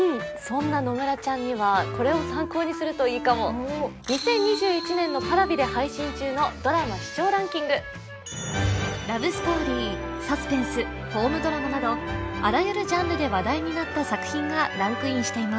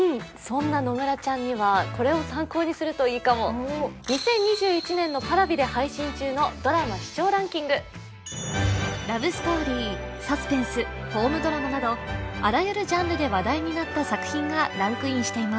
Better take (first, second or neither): second